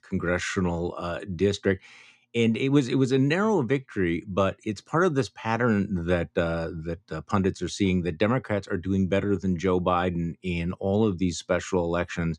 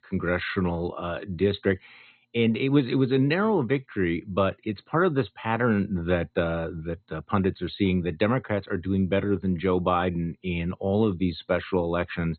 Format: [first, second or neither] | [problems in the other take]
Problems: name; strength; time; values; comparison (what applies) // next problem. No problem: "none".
first | garbled, watery; badly; nothing above 4 kHz